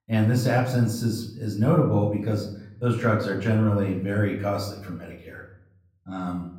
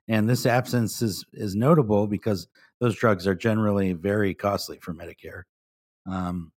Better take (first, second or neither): second